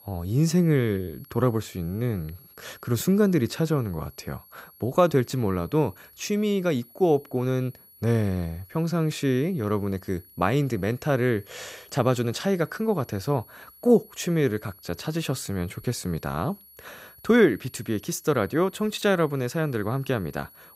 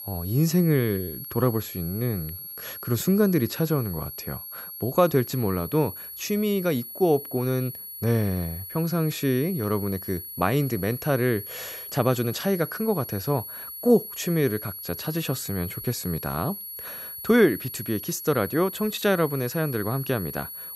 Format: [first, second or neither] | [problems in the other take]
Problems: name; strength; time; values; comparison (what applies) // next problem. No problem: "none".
first | high-pitched whine; loud; throughout; 11.5 kHz, 9 dB below the speech; faint in the first